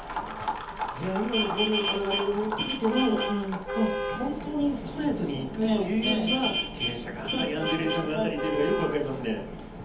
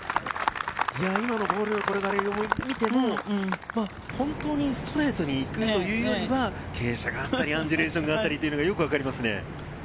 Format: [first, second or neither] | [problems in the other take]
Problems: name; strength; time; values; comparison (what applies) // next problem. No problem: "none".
second | background sound (Vehicle horn, car horn, honking); 5 dB below the speech // room echo; dies away in 0.7 s